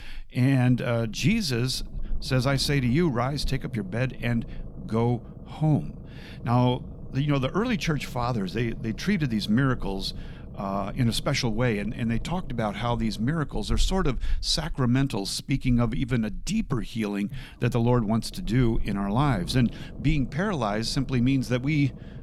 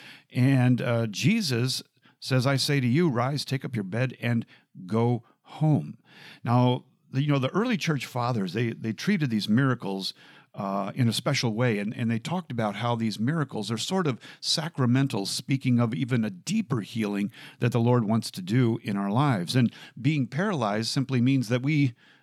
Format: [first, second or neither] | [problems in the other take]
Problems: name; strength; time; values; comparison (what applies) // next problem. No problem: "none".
second | low rumble; faint; throughout; 20 dB below the speech